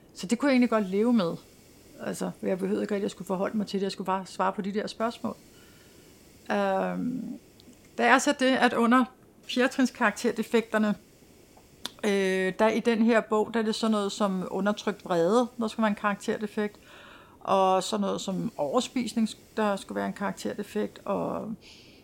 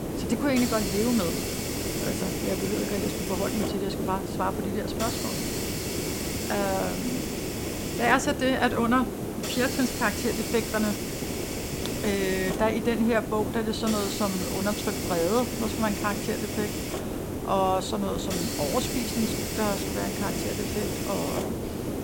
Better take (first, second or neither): first